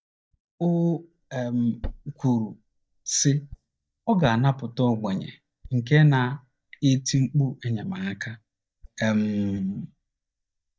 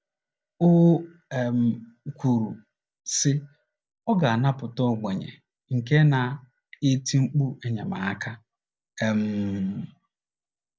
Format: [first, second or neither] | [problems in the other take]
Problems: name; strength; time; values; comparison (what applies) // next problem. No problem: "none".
second | noise reduction (neural mask model DeepFilterNet 3)